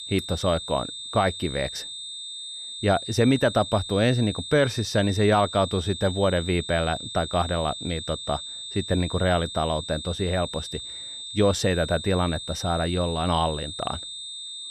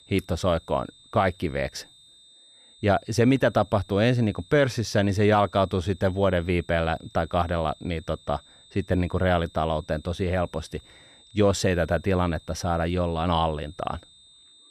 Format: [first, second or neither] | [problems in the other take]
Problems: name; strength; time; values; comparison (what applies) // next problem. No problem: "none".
second | high-pitched whine; loud; throughout; 3.5 kHz, 8 dB below the speech; faint in the second